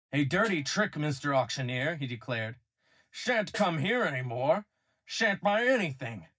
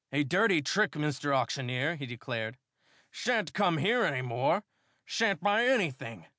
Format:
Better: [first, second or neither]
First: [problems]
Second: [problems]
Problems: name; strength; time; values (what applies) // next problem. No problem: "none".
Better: second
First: noise reduction (neural mask model DeepFilterNet 3)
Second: none